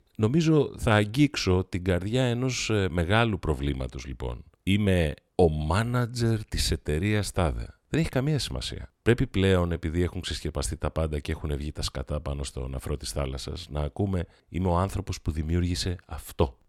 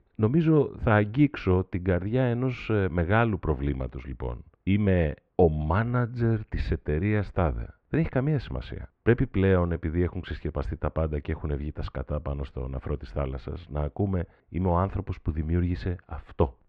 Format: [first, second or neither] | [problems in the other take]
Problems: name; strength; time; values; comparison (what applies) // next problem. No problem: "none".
first | muffled; very; fading above 2 kHz